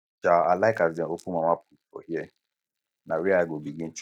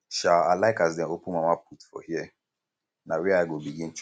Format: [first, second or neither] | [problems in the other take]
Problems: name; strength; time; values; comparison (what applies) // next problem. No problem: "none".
second | noise reduction (neural mask model DeepFilterNet 3)